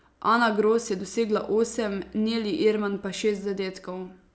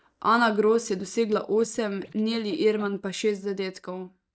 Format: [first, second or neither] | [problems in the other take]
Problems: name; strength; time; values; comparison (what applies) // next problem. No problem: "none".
first | noise reduction (neural mask model DeepFilterNet 3)